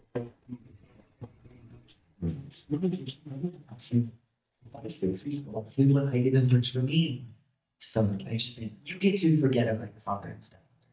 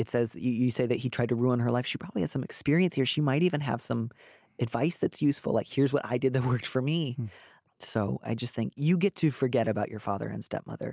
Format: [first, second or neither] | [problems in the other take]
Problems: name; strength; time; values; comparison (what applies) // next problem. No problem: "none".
second | noise reduction (neural mask model DeepFilterNet 3)